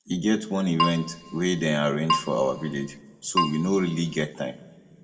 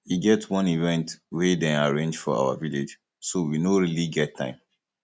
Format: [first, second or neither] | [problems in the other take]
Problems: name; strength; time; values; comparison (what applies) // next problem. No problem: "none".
second | background sound (Keyboard (musical)); 3 dB below the speech // room echo; dies away in 1.1 s